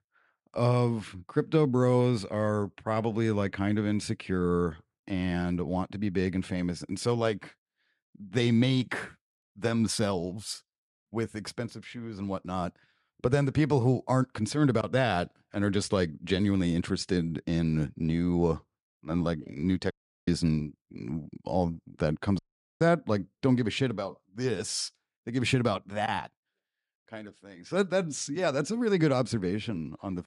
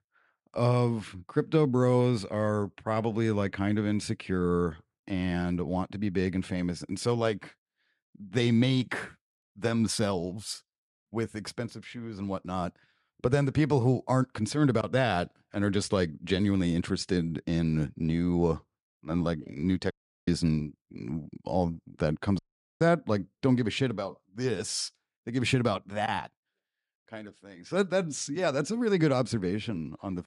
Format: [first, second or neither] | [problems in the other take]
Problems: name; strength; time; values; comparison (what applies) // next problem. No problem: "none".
neither | audio cutting out; at 20 s and at 22 s; the same in both